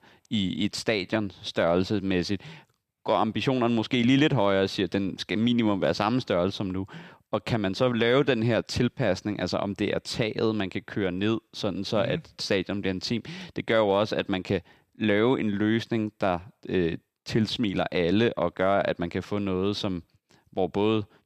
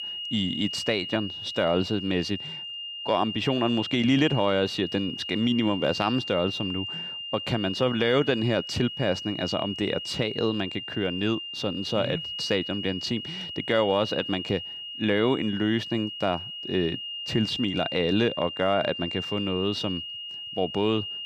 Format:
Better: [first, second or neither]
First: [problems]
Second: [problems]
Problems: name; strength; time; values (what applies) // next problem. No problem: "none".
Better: first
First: none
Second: high-pitched whine; loud; throughout; 3 kHz, 6 dB below the speech